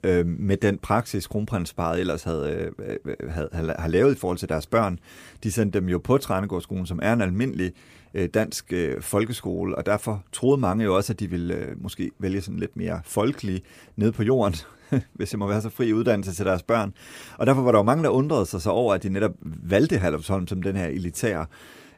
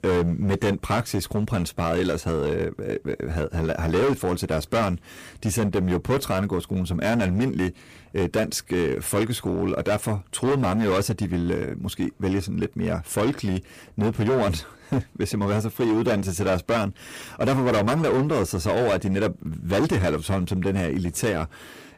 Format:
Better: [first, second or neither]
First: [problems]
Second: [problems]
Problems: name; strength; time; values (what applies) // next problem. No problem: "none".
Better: first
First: none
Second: distortion; heavy; 14% of the sound clipped